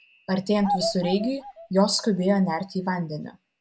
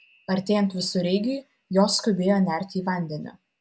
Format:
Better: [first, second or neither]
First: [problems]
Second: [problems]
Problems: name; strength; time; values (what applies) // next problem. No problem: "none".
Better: second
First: background sound (Bird vocalization, bird call, bird song); 9 dB below the speech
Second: none